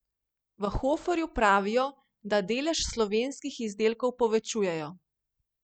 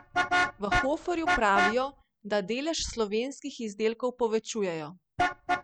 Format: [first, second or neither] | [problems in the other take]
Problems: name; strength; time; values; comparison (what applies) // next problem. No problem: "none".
first | background sound (Vehicle horn, car horn, honking); 1 dB below the speech